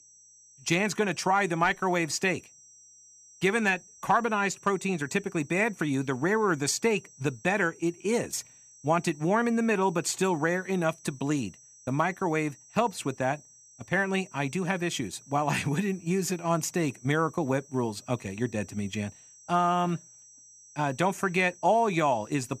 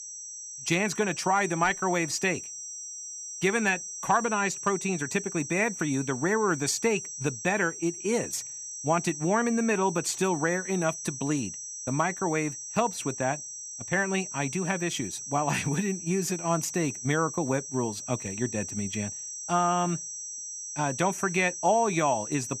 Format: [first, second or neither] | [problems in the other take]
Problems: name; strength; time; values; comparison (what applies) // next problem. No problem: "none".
first | high-pitched whine; loud; throughout; 6 kHz, 8 dB below the speech; faint in the first